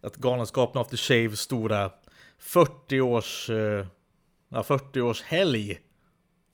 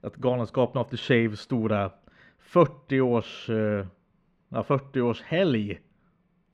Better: first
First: none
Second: muffled; slightly; fading above 2.5 kHz

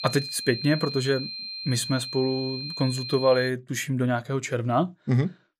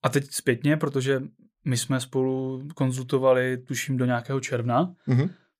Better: second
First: high-pitched whine; loud; until 3.5 s; 4 kHz, 7 dB below the speech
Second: none

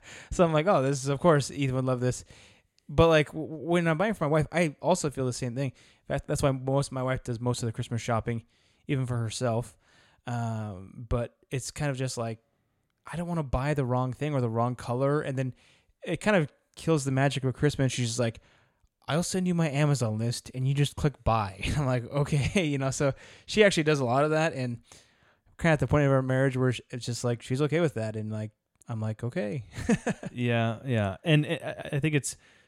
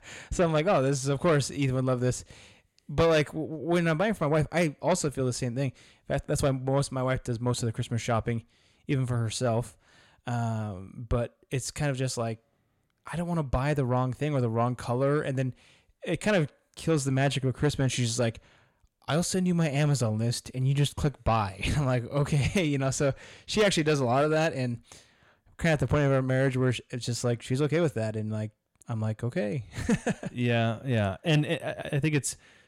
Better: first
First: none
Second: distortion; slight; 10 dB below the speech

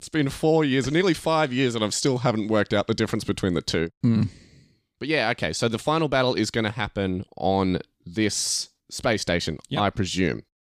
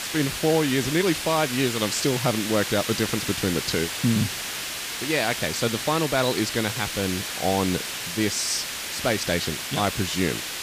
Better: first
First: none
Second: hiss; loud; throughout; 3 dB below the speech

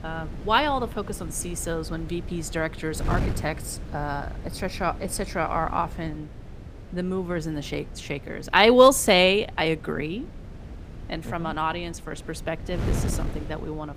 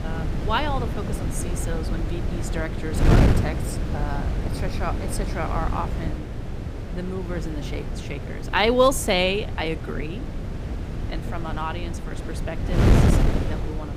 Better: first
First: wind noise on the microphone; occasional gusts; 20 dB below the speech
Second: wind noise on the microphone; heavy; 6 dB below the speech

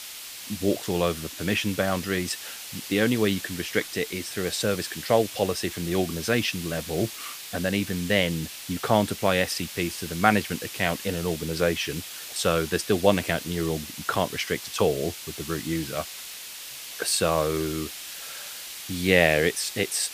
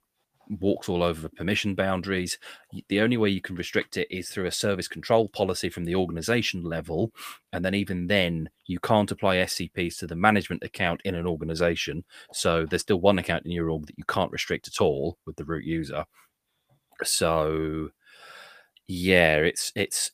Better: second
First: hiss; loud; throughout; 10 dB below the speech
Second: none

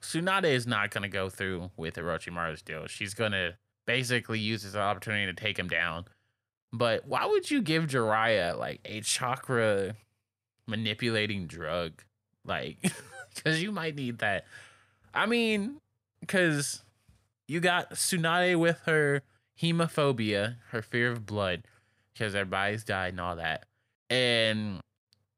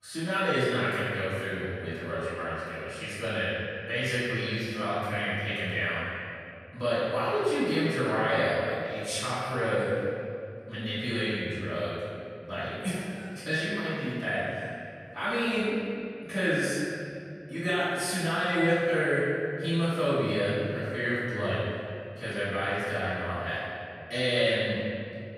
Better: first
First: none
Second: off-mic speech; far // room echo; strong; dies away in 2.3 s

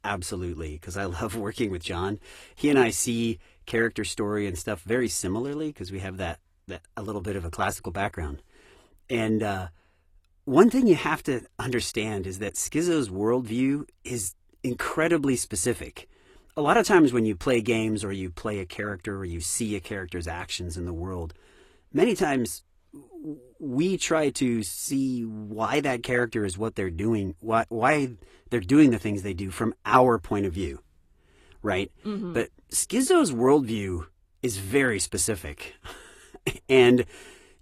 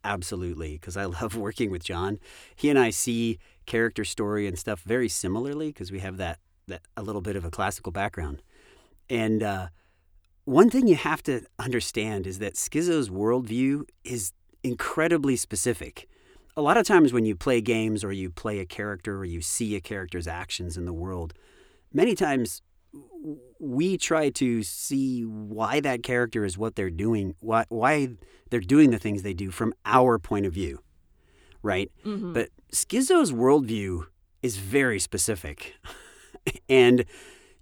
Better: second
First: garbled, watery; slightly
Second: none

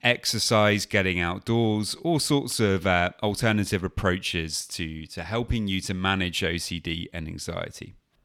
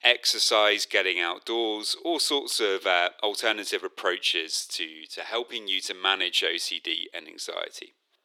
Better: first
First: none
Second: thin; very; fading below 350 Hz

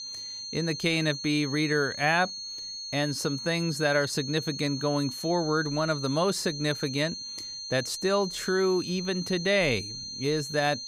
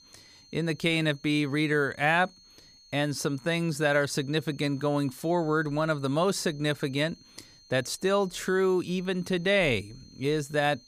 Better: second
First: high-pitched whine; loud; throughout; 4 kHz, 7 dB below the speech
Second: high-pitched whine; faint; throughout; 4 kHz, 25 dB below the speech

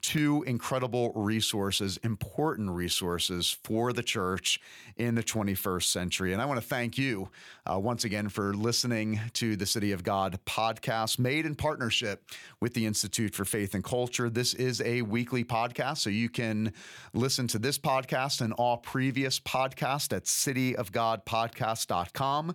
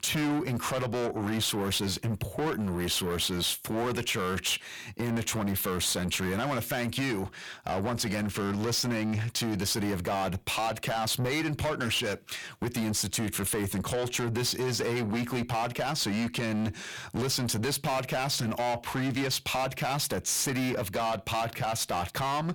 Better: first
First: none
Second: distortion; heavy; 7 dB below the speech

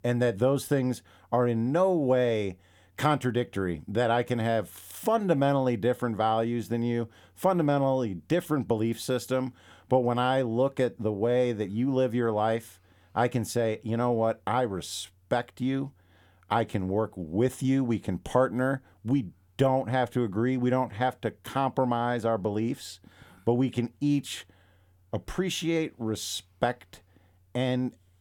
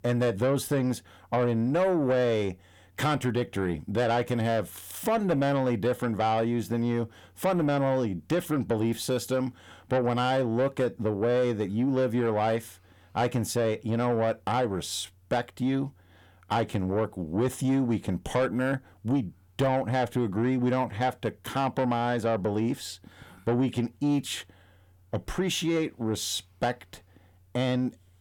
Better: first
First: none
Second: distortion; slight; 10 dB below the speech

